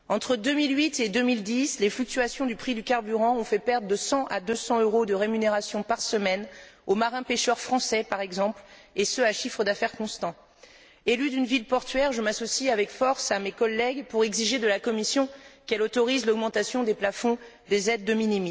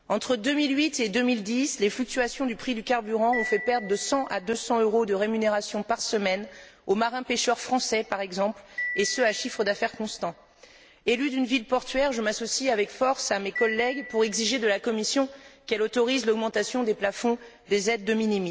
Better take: first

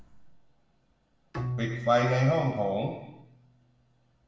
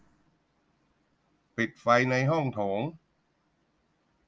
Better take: second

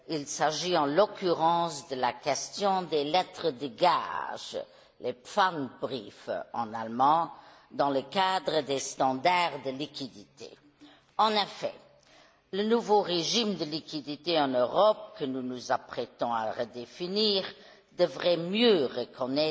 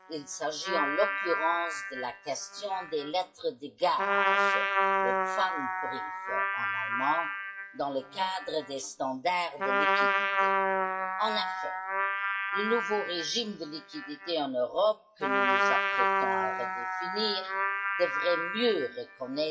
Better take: first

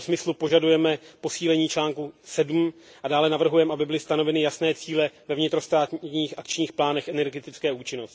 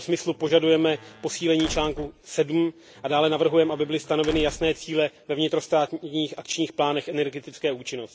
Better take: first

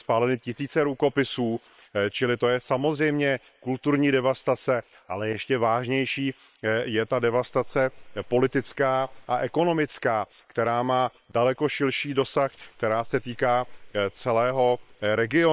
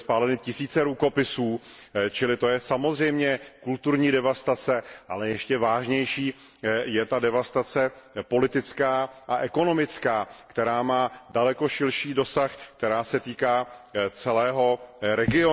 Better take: second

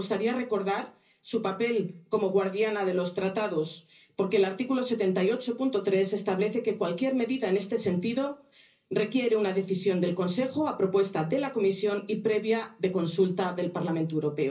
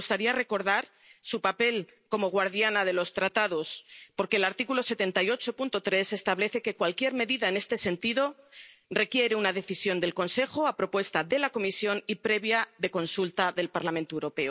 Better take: second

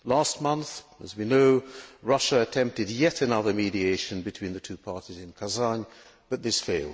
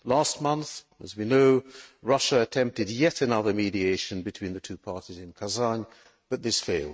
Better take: first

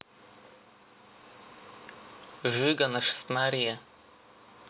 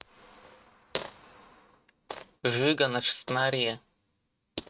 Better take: first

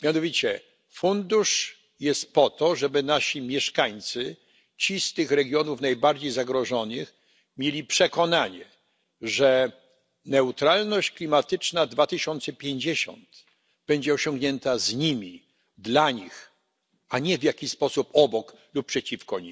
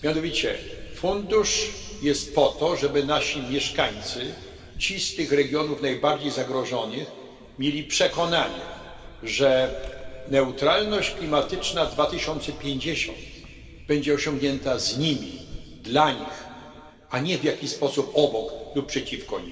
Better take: first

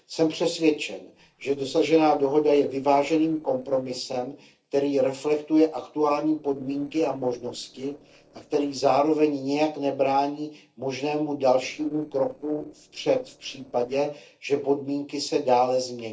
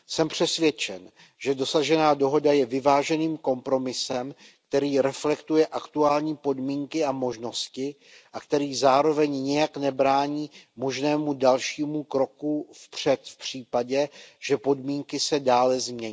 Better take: second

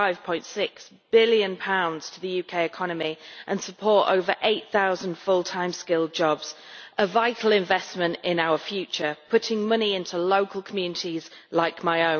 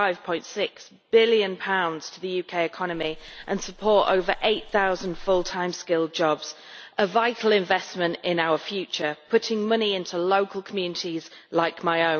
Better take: first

